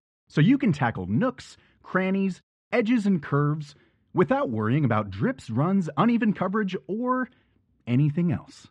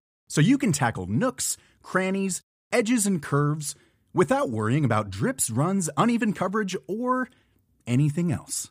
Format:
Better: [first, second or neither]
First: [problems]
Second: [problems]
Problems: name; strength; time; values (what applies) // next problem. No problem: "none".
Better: second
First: muffled; very; fading above 3.5 kHz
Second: none